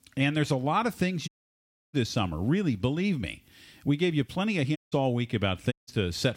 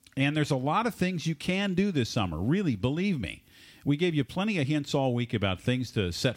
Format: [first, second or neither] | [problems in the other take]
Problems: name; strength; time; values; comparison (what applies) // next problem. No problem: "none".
second | audio cutting out; at 1.5 s for 0.5 s, at 5 s and at 5.5 s